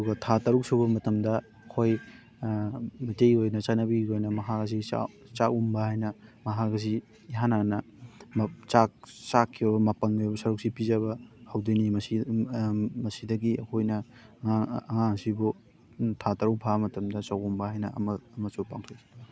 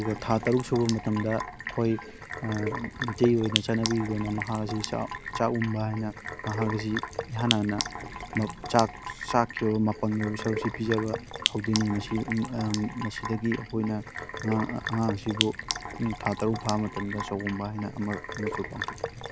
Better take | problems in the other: first | background sound (Sink (filling or washing)); 7 dB below the speech

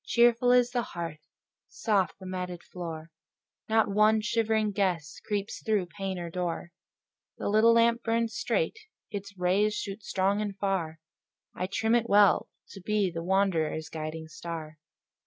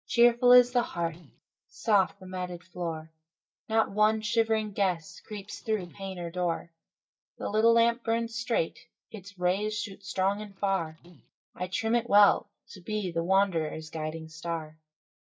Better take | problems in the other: first | noise reduction (neural mask model DeepFilterNet 3)

